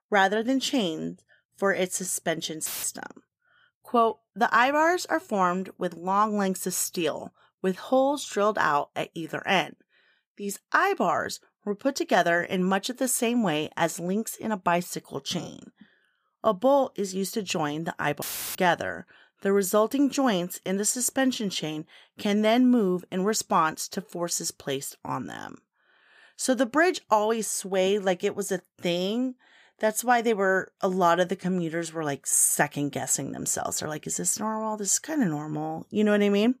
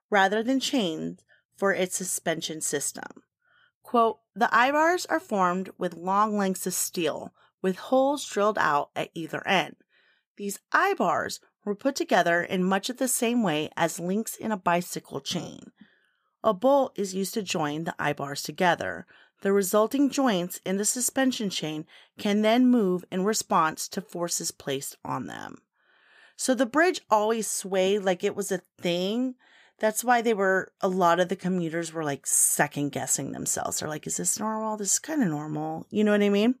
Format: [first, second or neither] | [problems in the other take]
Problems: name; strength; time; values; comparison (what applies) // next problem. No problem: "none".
second | audio cutting out; filled with static; at 2.5 s and at 18 s